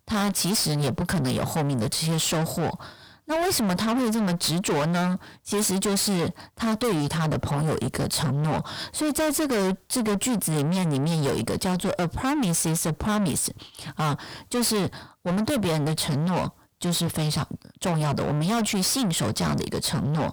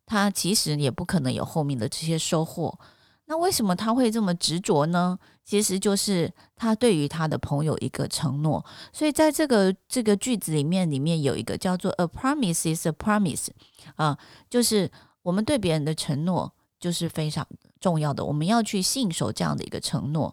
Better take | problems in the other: second | distortion; heavy; 5 dB below the speech

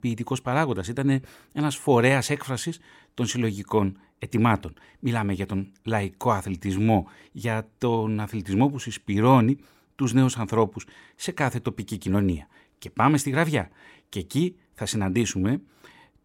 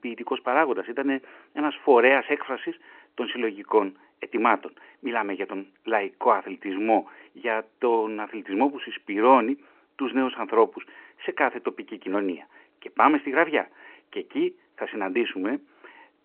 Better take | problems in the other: first | phone-call audio

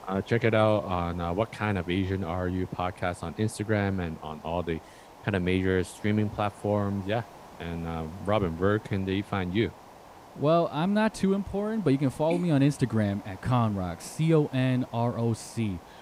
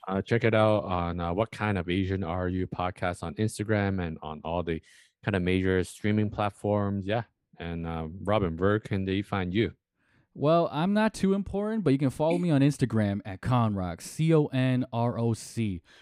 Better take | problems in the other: second | hiss; faint; throughout; 20 dB below the speech

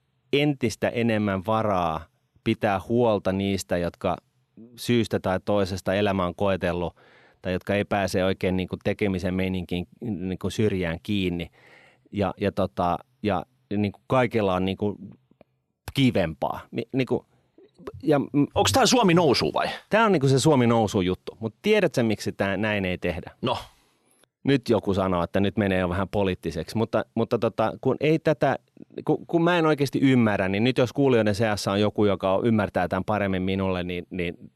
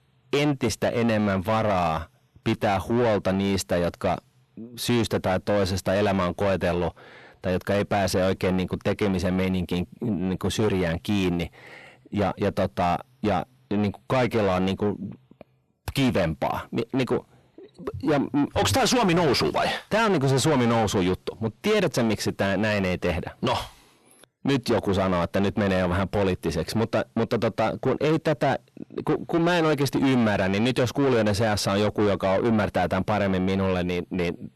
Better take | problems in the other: first | distortion; heavy; 7 dB below the speech

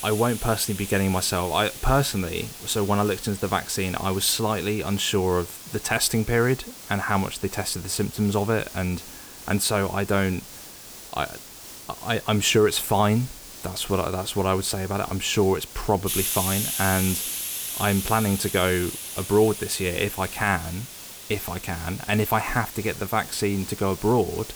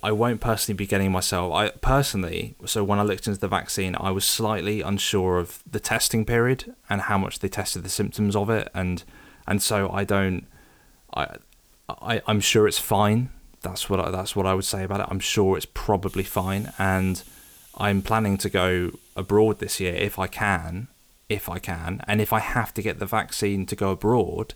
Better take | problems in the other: second | hiss; loud; throughout; 9 dB below the speech; faint in the second

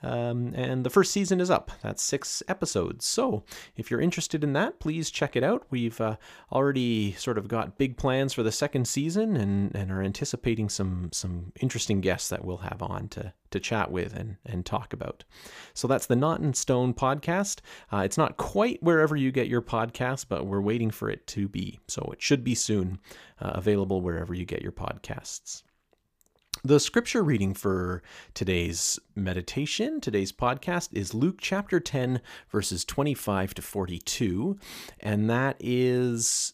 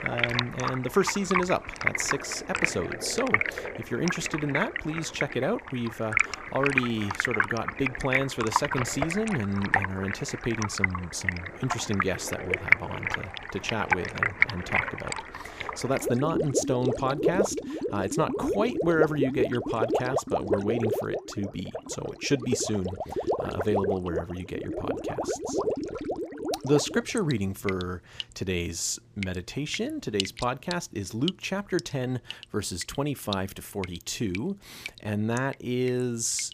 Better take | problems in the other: first | rain or running water; very loud; throughout; as loud as the speech

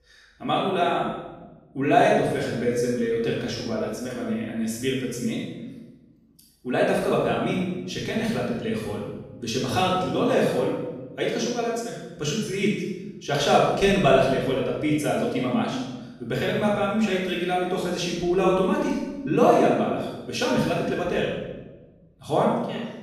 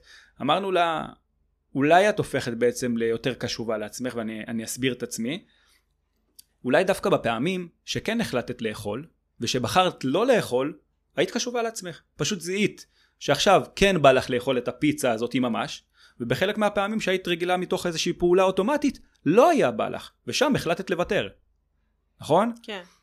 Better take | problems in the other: second | room echo; strong; dies away in 1.1 s // off-mic speech; far

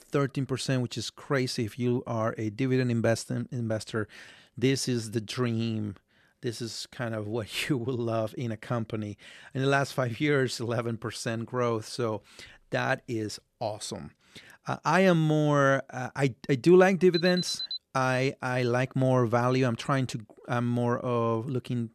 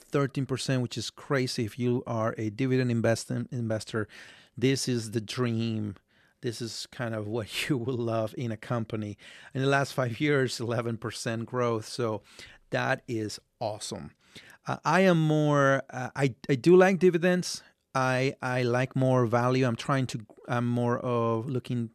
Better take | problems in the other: second | alarm; noticeable; at 17 s; peak 4 dB below the speech

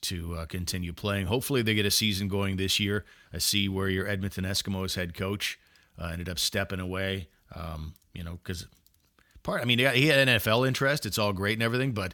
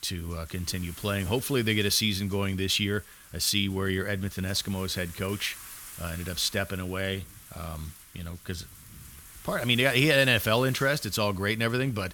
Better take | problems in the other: first | wind noise on the microphone; occasional gusts; 20 dB below the speech

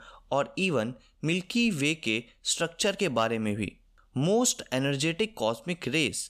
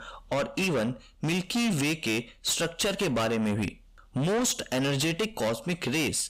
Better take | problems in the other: first | distortion; heavy; 6 dB below the speech

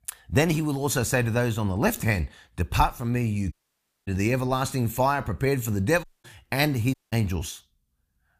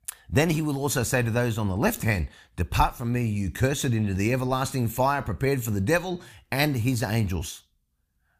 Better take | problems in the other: second | audio cutting out; at 3.5 s for 0.5 s, at 6 s and at 7 s

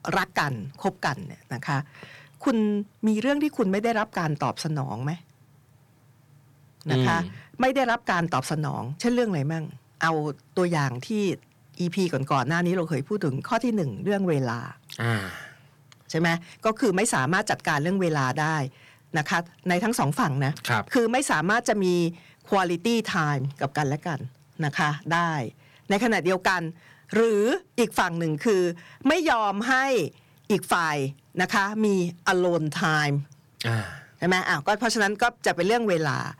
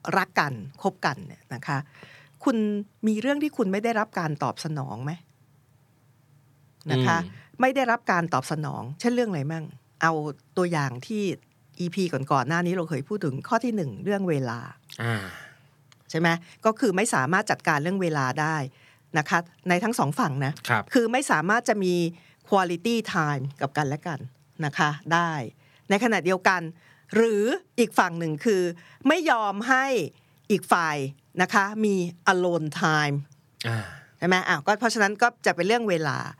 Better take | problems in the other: second | distortion; slight; 10 dB below the speech

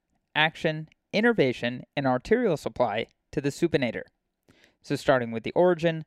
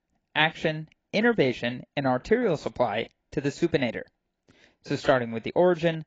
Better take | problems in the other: first | garbled, watery; badly; nothing above 7.5 kHz

